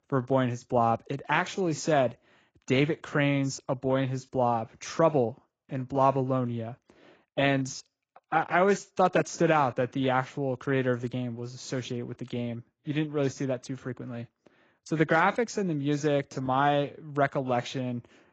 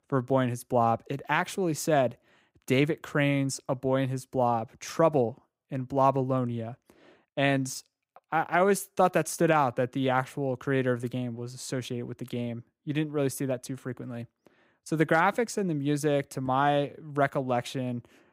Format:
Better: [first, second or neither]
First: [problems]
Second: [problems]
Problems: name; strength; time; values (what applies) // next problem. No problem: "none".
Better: second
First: garbled, watery; badly; nothing above 7.5 kHz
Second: none